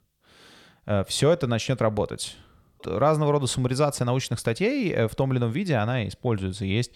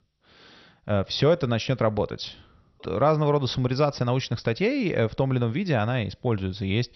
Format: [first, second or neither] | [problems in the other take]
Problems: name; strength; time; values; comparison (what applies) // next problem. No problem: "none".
first | garbled, watery; slightly; nothing above 6 kHz